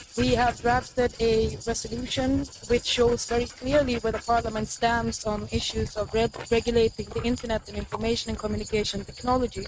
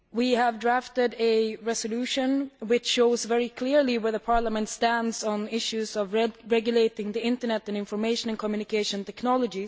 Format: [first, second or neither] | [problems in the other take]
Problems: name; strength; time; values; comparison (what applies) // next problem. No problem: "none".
second | noise reduction (neural mask model RNNoise)